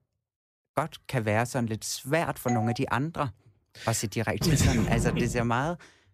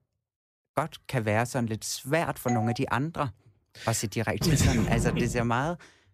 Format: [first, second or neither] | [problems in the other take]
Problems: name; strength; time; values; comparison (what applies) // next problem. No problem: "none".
neither | doorbell; noticeable; at 2.5 s; peak 6 dB below the speech; the same in both // door banging; noticeable; from 4.5 to 5.5 s; peak 1 dB below the speech; the same in both